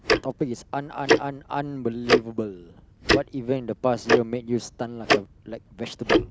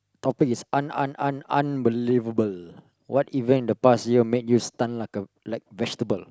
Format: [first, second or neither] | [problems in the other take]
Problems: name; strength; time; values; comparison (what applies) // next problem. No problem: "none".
second | background sound (Tick-tock); 3 dB above the speech